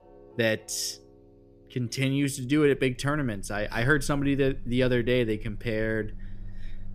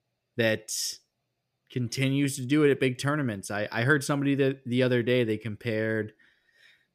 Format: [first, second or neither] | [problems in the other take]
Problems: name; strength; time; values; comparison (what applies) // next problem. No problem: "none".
second | alarms or sirens; faint; throughout; 20 dB below the speech